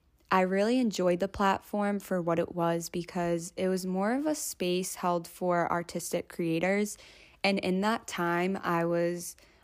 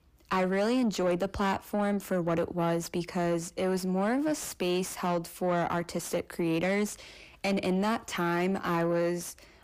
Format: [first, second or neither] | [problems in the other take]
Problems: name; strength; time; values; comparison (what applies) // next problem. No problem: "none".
first | distortion; slight; 10 dB below the speech